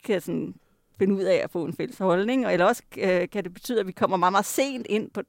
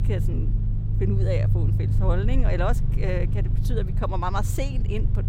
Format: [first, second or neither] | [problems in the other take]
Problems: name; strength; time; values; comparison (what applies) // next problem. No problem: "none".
first | low rumble; loud; throughout; 8 dB below the speech